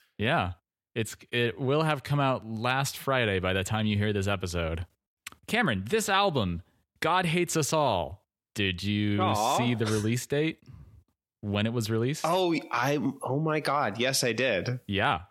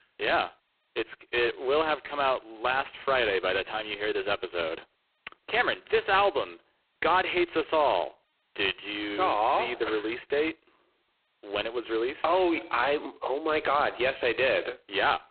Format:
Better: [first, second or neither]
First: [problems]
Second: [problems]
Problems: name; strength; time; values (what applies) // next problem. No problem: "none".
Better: first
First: none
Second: phone-call audio; poor line; nothing above 4 kHz